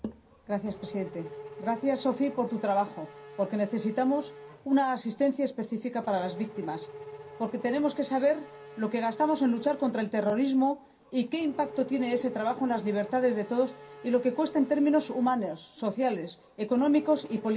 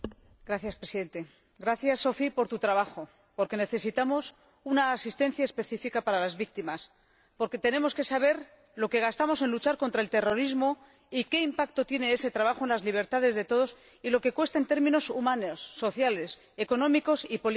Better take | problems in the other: second | background sound (Race car, auto racing / Accelerating, revving, vroom); 17 dB below the speech // room echo; dies away in 0.3 s

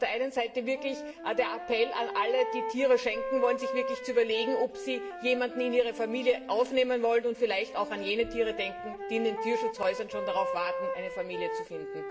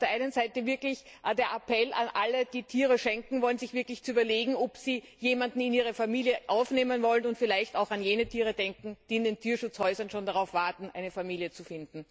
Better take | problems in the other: second | background sound (Wind instrument, woodwind instrument); 7 dB below the speech // room echo; dies away in 1.1 s

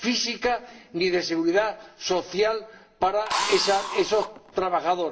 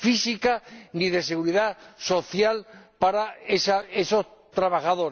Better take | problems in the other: second | background sound (Drill); 6 dB below the speech // room echo; dies away in 0.7 s

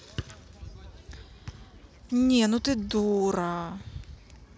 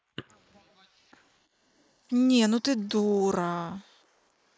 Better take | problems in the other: first | noise reduction (neural mask model Resemble Enhance denoiser)

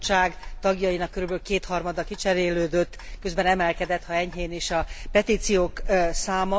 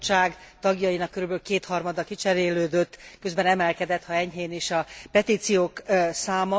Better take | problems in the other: second | background sound (Clock); 9 dB below the speech

